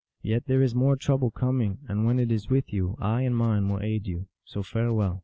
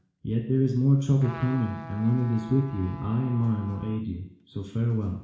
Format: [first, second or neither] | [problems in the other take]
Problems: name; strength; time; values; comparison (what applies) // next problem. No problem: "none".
first | background sound (Trumpet); 19 dB below the speech // room echo; dies away in 0.7 s